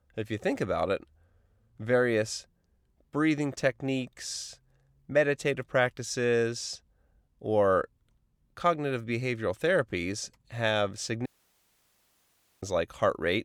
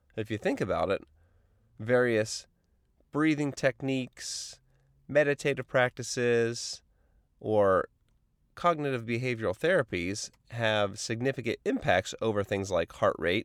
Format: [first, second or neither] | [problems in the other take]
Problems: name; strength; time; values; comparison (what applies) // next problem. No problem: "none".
second | audio cutting out; at 11 s for 1.5 s